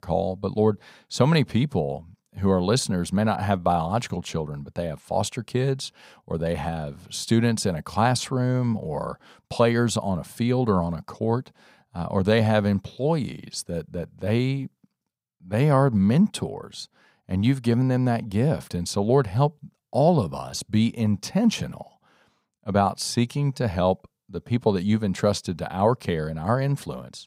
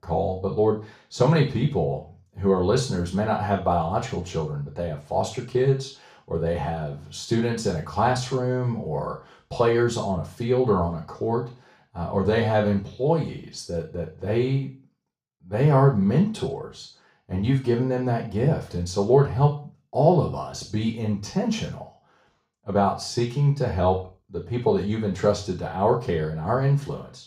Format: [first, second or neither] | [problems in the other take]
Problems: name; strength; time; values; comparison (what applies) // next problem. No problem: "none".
first | room echo; slight; dies away in 0.4 s // off-mic speech; far